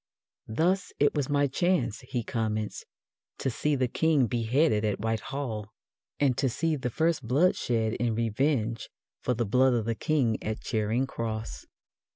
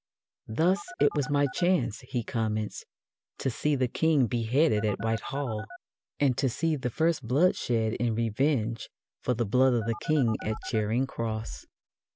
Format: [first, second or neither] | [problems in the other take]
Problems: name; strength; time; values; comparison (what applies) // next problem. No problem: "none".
first | background sound (Telephone); 15 dB below the speech